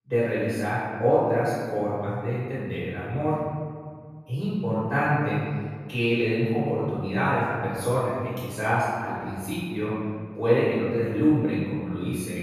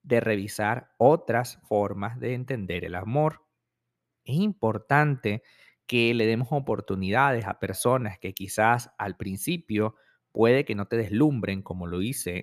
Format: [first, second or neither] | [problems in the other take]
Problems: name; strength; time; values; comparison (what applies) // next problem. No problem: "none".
second | off-mic speech; far // room echo; strong; dies away in 1.8 s